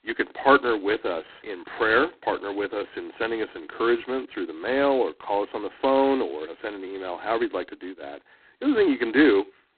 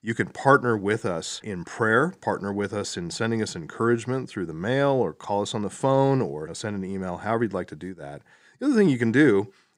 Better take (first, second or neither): second